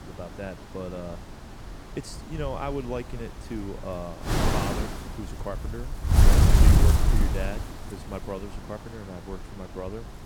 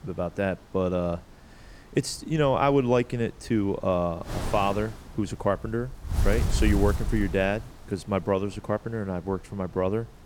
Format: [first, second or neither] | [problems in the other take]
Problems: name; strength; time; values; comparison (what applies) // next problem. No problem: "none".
second | wind noise on the microphone; heavy; 2 dB above the speech; occasional gusts in the second